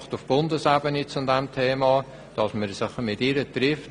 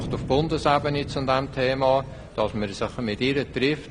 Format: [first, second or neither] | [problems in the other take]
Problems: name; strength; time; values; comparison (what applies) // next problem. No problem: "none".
first | background sound (Thunder); 12 dB below the speech